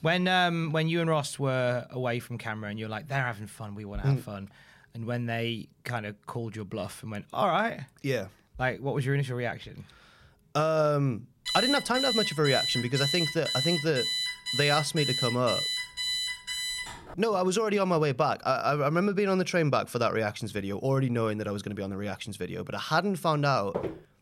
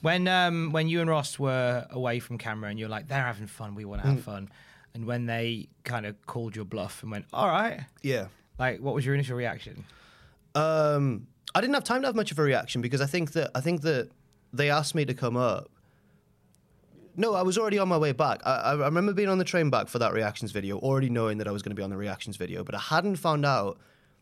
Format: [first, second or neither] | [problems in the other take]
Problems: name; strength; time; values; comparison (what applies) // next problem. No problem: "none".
second | alarm; loud; from 11 to 17 s; peak 2 dB above the speech // footsteps; noticeable; at 24 s; peak 6 dB below the speech